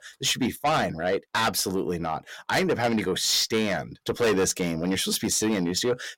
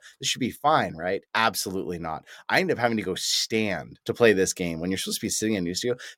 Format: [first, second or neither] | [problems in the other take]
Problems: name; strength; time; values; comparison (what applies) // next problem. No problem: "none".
second | distortion; heavy; 6 dB below the speech